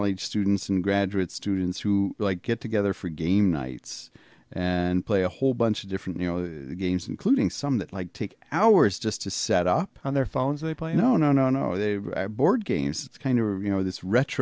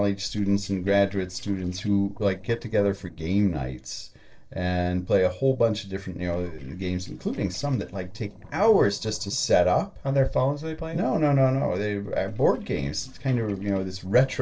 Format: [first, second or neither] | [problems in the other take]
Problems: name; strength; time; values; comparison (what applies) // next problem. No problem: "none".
first | noise reduction (neural separator model SepFormer DNS4)